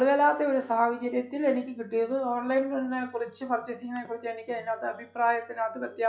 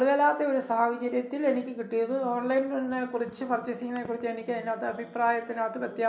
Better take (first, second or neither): second